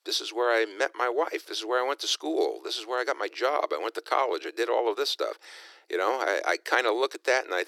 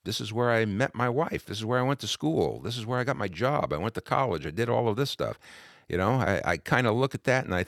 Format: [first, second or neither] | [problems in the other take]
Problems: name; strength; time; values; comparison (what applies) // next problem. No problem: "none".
second | thin; very; fading below 350 Hz